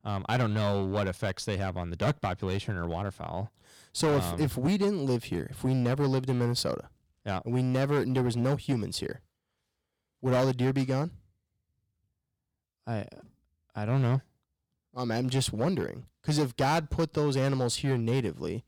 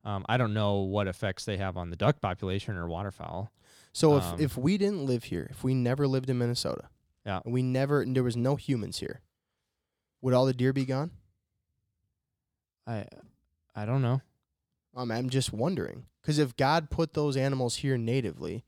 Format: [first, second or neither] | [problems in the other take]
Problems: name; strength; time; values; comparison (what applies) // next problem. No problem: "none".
second | distortion; slight; 7% of the sound clipped